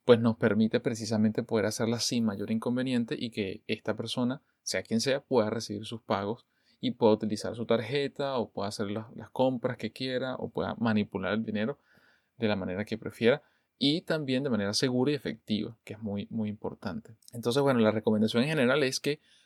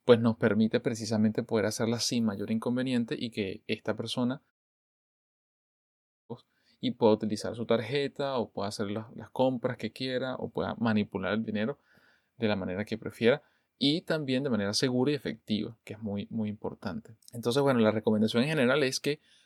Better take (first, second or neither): first